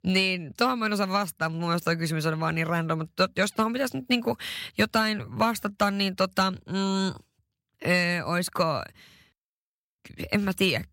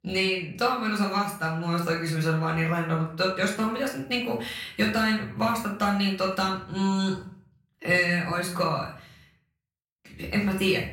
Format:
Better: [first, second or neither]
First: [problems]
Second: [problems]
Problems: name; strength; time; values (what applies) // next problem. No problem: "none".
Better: first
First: none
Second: off-mic speech; far // room echo; slight; dies away in 0.4 s